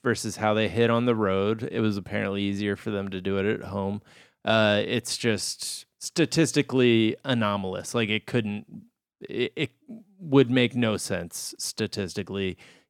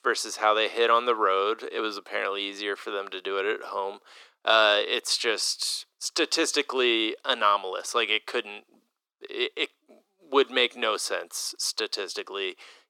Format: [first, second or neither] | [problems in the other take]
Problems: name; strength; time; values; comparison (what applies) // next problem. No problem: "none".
first | thin; very; fading below 350 Hz